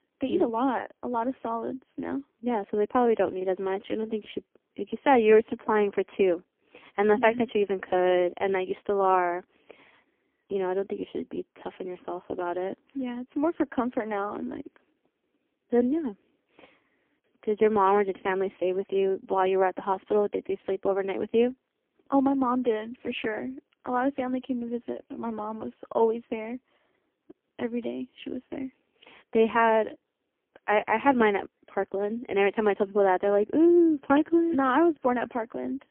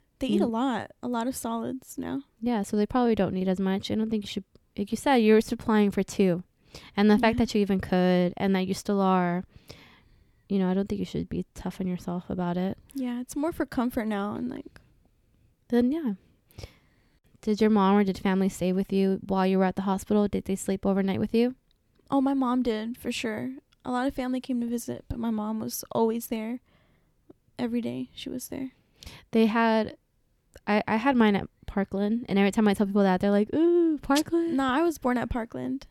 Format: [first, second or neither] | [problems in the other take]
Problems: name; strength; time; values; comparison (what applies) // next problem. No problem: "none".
second | phone-call audio; poor line; nothing above 3 kHz